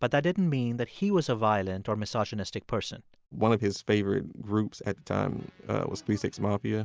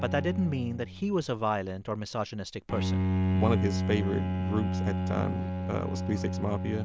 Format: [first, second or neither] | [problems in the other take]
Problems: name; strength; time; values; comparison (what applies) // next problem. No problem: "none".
first | background sound (Bowed string instrument); 1 dB above the speech